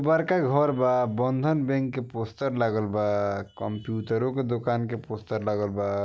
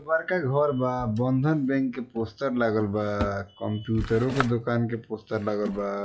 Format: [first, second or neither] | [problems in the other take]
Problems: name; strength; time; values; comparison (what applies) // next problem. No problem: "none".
first | noise reduction (classical method WPE with log-MMSE)